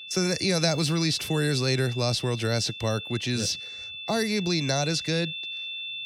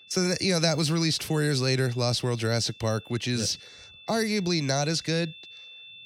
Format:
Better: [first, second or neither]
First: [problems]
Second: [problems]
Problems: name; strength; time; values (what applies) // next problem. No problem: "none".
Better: second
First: high-pitched whine; loud; throughout; 3.5 kHz, 9 dB below the speech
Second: high-pitched whine; faint; throughout; 3.5 kHz, 20 dB below the speech